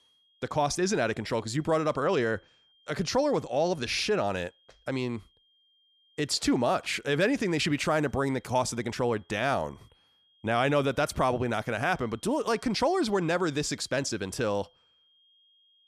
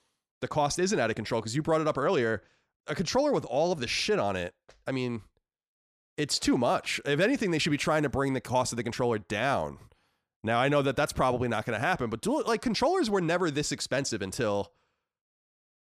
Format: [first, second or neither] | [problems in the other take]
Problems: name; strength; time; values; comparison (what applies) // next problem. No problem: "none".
second | high-pitched whine; faint; throughout; 3 kHz, 35 dB below the speech